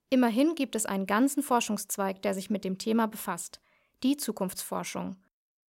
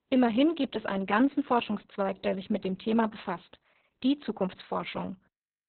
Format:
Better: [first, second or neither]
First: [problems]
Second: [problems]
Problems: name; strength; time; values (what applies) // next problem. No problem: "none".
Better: first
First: none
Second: garbled, watery; badly; nothing above 4 kHz